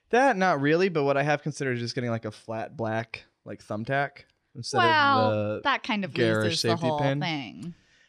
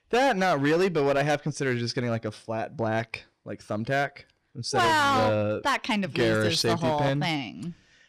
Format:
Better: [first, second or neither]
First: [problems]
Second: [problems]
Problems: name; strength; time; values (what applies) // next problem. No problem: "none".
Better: first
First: none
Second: distortion; slight; 9% of the sound clipped